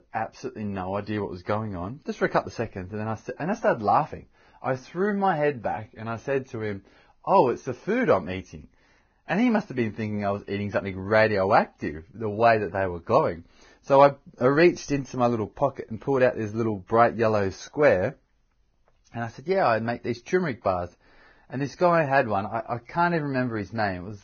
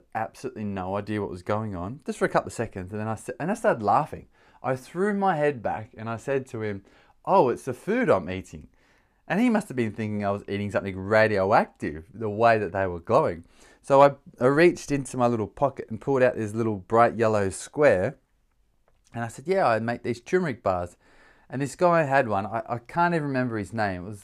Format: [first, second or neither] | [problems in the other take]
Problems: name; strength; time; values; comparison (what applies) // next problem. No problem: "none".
second | garbled, watery; badly; nothing above 6.5 kHz